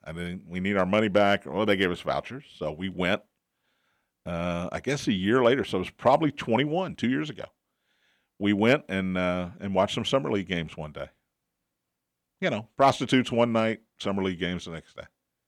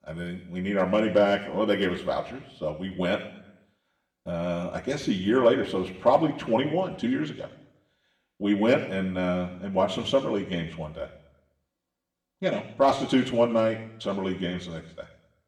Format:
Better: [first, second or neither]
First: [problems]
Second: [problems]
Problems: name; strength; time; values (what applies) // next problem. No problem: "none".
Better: first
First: none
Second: room echo; slight; dies away in 0.8 s // off-mic speech; somewhat distant